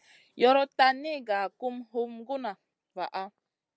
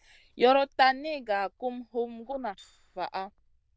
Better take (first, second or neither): first